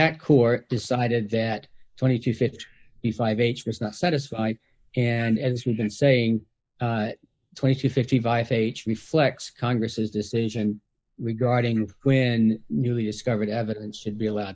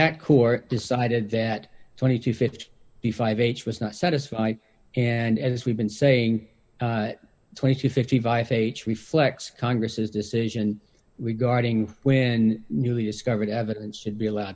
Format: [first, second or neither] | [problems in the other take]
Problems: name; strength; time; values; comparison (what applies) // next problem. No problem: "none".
second | noise reduction (neural mask model Resemble Enhance denoiser)